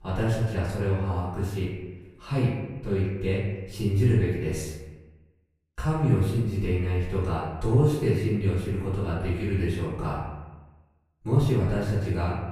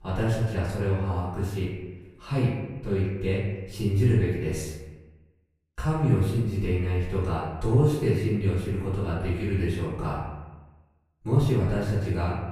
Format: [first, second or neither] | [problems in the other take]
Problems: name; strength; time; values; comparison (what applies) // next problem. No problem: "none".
neither | off-mic speech; far; the same in both // room echo; noticeable; dies away in 1 s; the same in both